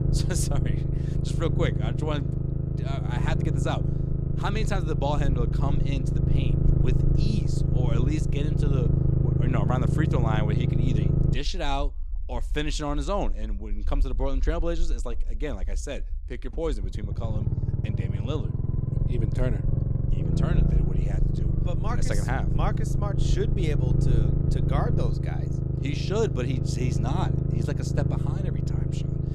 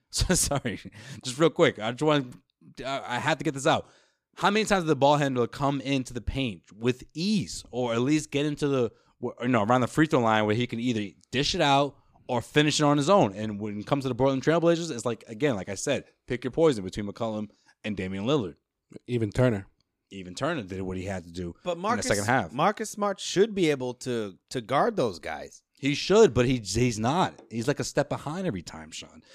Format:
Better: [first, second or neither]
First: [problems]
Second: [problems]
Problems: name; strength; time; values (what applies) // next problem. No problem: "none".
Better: second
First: low rumble; loud; throughout; 2 dB below the speech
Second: none